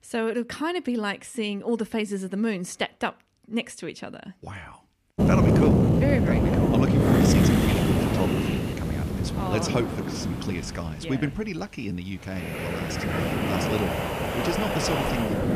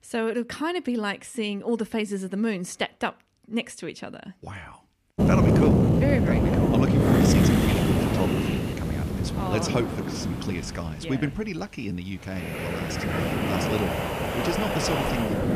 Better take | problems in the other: neither | wind noise on the microphone; heavy; from 5 s on; 4 dB above the speech; the same in both

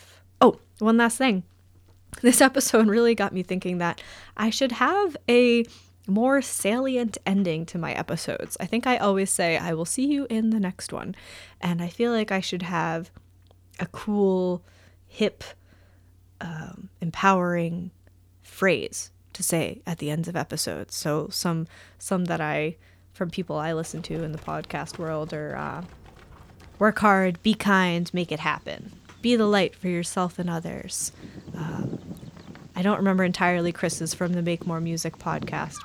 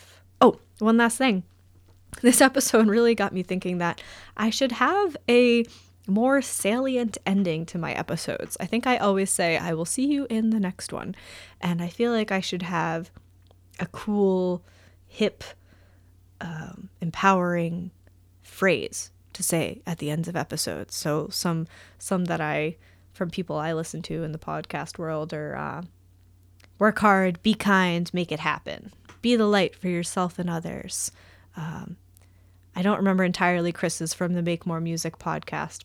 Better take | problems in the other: second | animal sounds; noticeable; from 24 s on; 20 dB below the speech

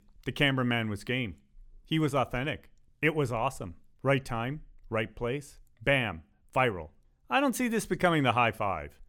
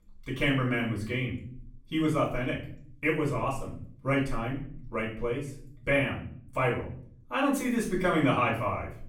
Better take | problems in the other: first | off-mic speech; far // room echo; slight; dies away in 0.5 s

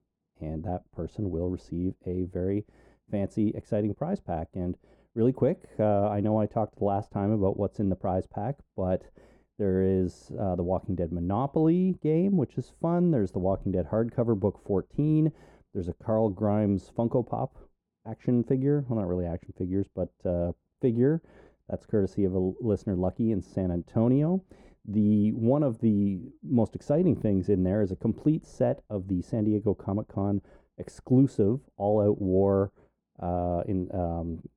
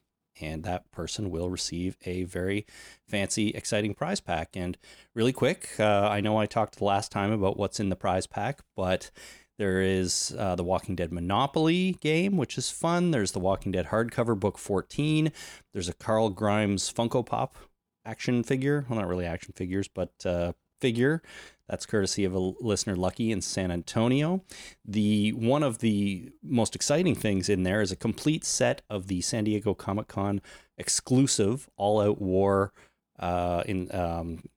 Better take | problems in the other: second | muffled; very; fading above 1.5 kHz

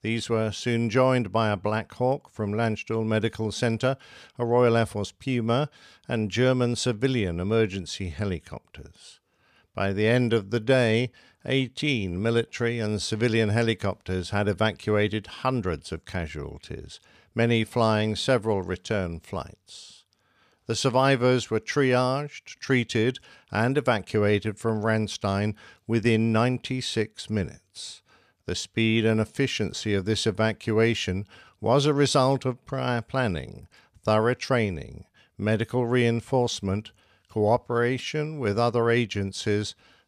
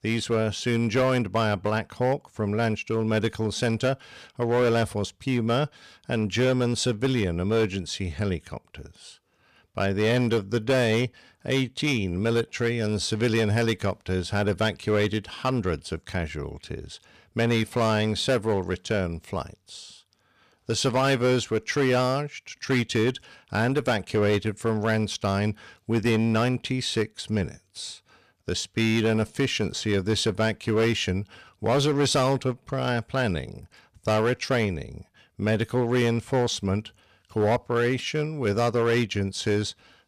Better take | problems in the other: first | distortion; slight; 7% of the sound clipped

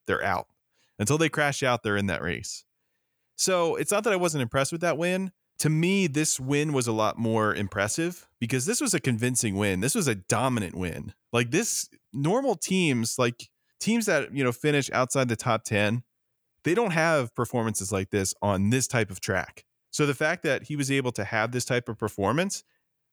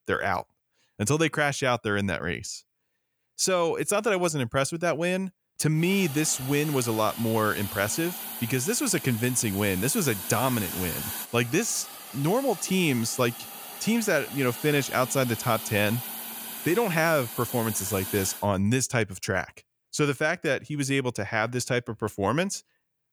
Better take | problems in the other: first | hiss; loud; from 6 to 18 s; 9 dB below the speech

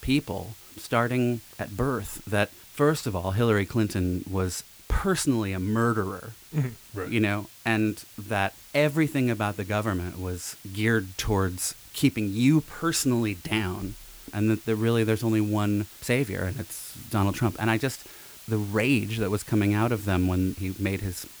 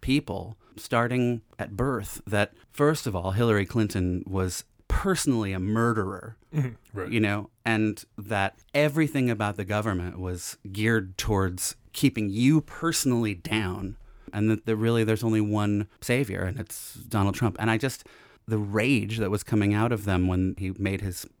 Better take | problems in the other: second | hiss; noticeable; throughout; 20 dB below the speech

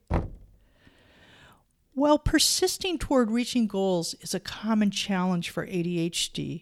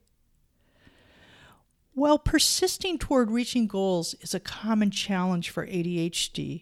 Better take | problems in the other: second | door banging; noticeable; at the start; peak 6 dB below the speech

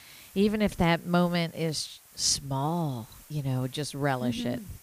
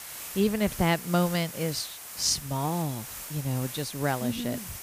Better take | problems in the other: first | hiss; loud; throughout; 9 dB below the speech; faint in the first

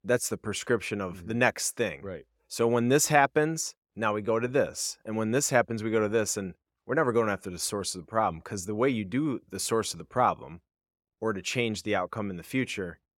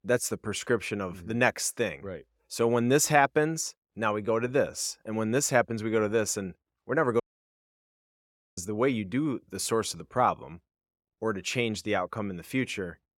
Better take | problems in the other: first | audio cutting out; at 7 s for 1.5 s

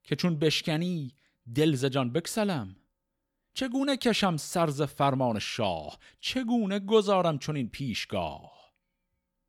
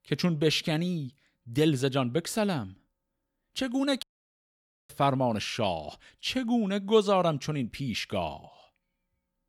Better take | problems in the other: first | audio cutting out; at 4 s for 1 s

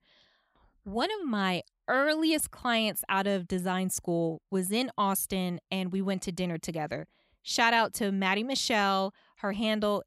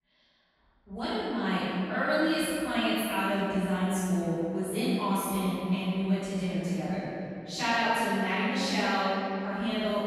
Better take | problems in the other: first | room echo; strong; dies away in 2.9 s // off-mic speech; far

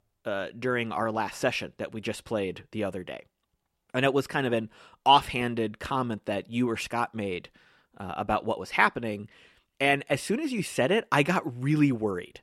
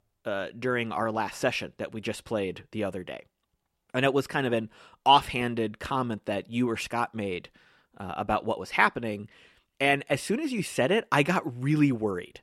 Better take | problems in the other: neither | none

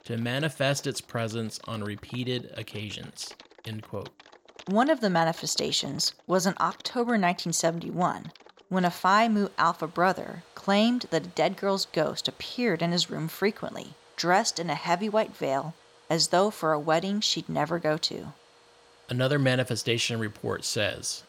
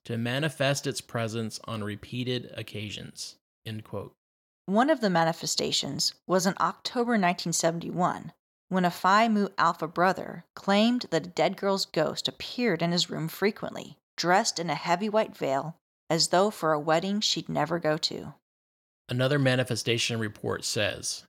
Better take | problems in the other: second | household noises; faint; throughout; 25 dB below the speech

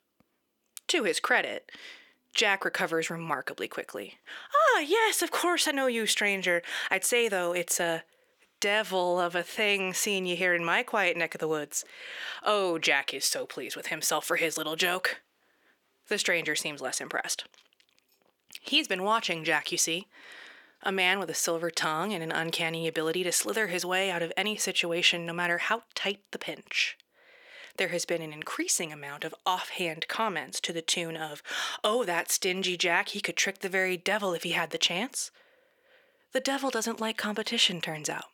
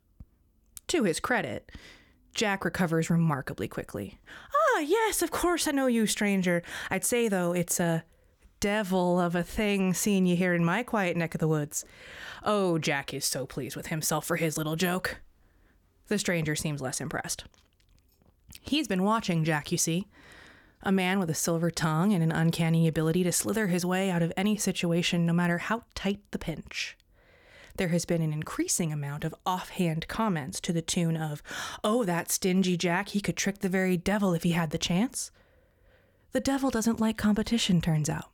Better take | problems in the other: second | thin; somewhat; fading below 400 Hz

